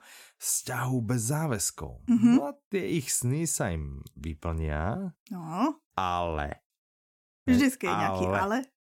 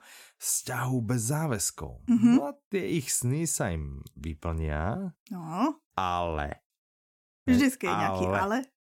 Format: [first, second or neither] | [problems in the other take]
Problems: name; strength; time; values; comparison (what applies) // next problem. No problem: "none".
neither | none